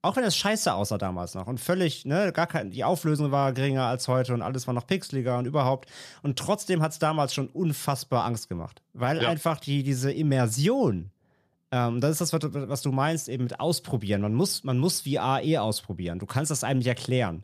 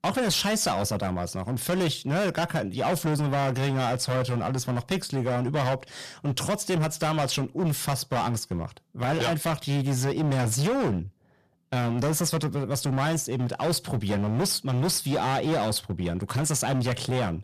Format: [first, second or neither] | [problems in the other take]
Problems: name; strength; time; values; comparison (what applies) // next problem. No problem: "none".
first | distortion; heavy; 21% of the sound clipped